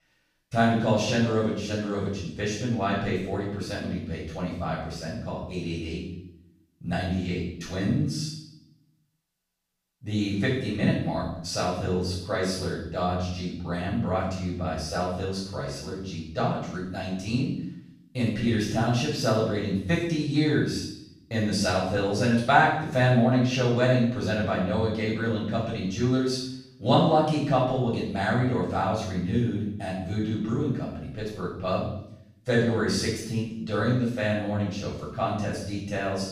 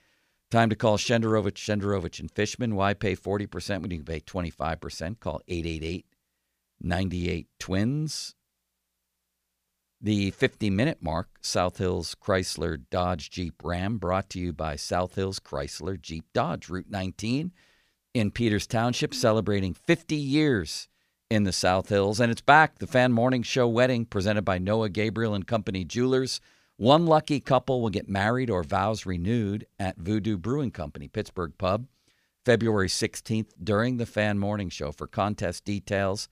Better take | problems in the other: second | off-mic speech; far // room echo; noticeable; dies away in 0.7 s

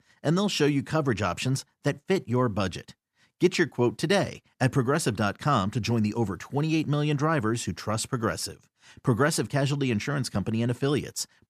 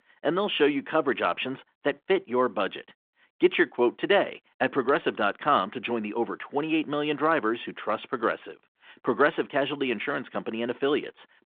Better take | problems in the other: first | phone-call audio

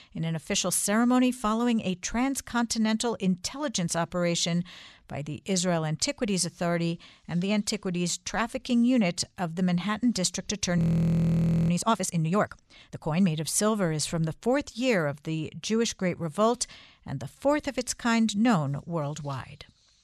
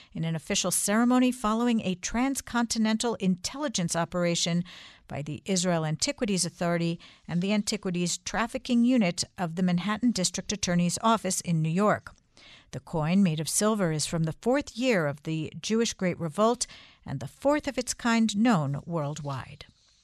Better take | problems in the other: second | audio freezing; at 11 s for 1 s

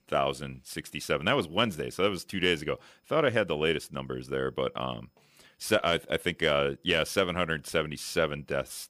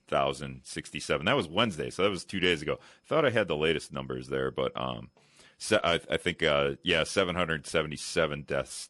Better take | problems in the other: first | garbled, watery; slightly; nothing above 11 kHz

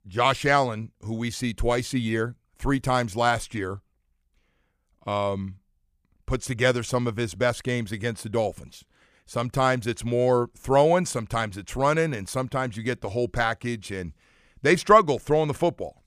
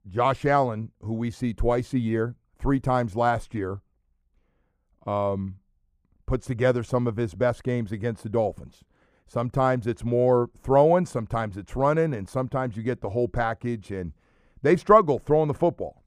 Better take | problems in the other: first | muffled; slightly; fading above 1.5 kHz

